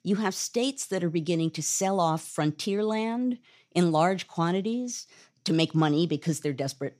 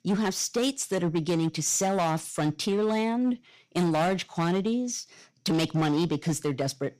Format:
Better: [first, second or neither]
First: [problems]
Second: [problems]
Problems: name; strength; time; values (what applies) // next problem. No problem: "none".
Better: first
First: none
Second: distortion; slight; 11% of the sound clipped